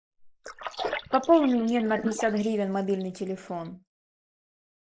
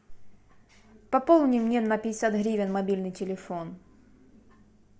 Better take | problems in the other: second | noise reduction (neural mask model Resemble Enhance denoiser)

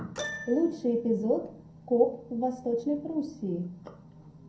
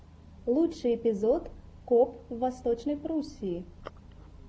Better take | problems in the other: second | background sound (Keyboard (musical)); 16 dB below the speech // room echo; dies away in 0.6 s

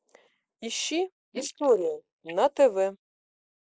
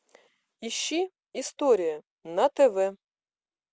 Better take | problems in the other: second | noise reduction (neural mask model Resemble Enhance denoiser)

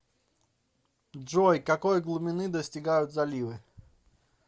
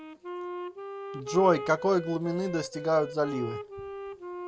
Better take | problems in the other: first | background sound (Wind instrument, woodwind instrument); 9 dB below the speech

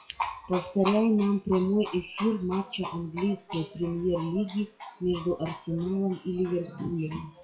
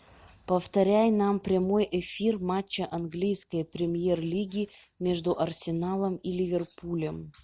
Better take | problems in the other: second | noise reduction (classical method WPE with log-MMSE)

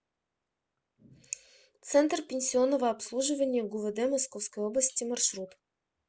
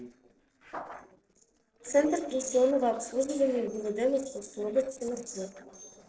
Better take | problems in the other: first | noise reduction (neural separator model SepFormer DNS4)

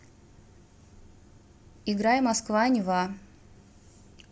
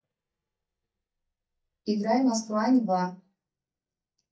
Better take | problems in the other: first | noise reduction (neural mask model DeepFilterNet 3)

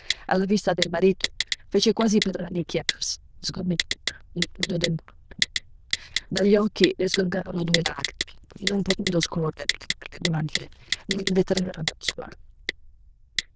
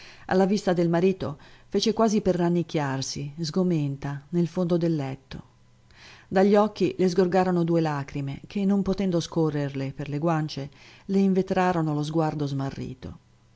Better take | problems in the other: second | noise reduction (neural diffusion model UNIVERSE++)

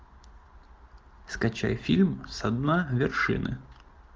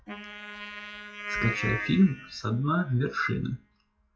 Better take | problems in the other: first | noise reduction (classical method WPE with log-MMSE)

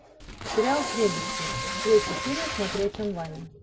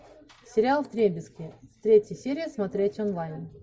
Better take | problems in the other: second | background sound (Packing tape, duct tape + Wind instrument, woodwind instrument); 4 dB below the speech

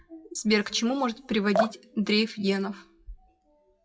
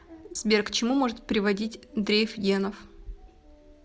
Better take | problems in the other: second | noise reduction (classical method WPE with log-MMSE)

